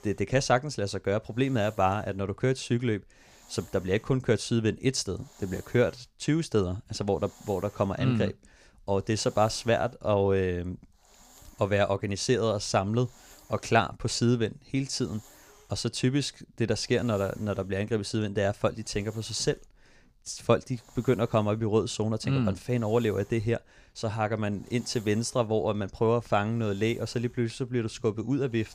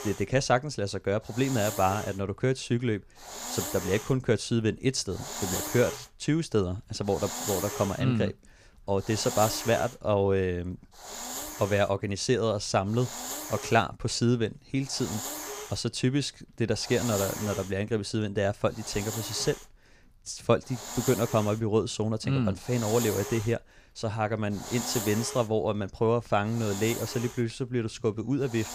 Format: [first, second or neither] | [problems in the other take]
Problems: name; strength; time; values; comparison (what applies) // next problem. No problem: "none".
first | hiss; loud; throughout; 8 dB below the speech; faint in the first